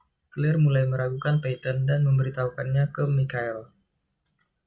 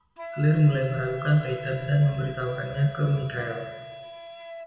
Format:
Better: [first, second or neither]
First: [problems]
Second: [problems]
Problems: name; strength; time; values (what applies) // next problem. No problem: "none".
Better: first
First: none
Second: background sound (Wind instrument, woodwind instrument); 14 dB below the speech // room echo; dies away in 1.3 s